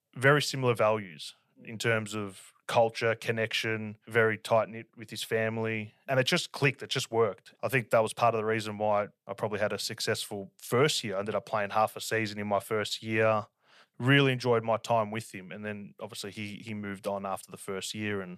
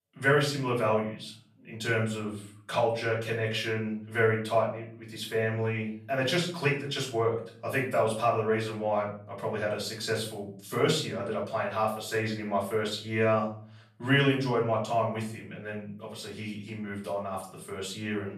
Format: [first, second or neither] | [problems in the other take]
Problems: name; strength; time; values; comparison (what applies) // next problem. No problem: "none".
first | off-mic speech; far // room echo; slight; dies away in 0.5 s